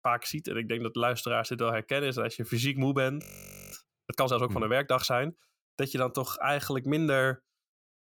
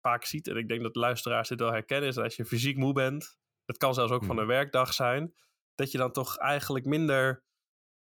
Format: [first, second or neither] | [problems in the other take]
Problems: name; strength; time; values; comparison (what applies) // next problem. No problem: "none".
second | audio freezing; at 3 s for 0.5 s